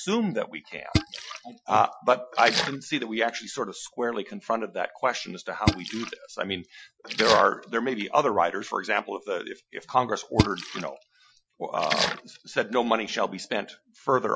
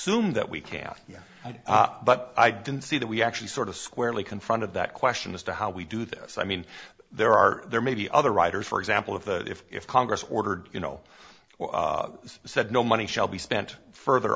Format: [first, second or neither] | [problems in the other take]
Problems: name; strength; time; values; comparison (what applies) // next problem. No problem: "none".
second | noise reduction (classical method Wiener filter)